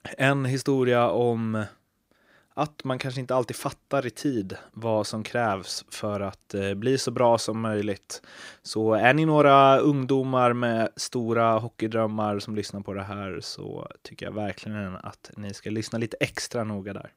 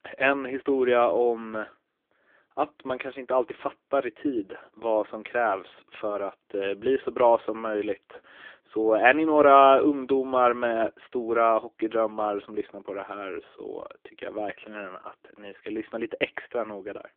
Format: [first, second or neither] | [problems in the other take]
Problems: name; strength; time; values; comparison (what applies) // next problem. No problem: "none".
first | phone-call audio; poor line; nothing above 3.5 kHz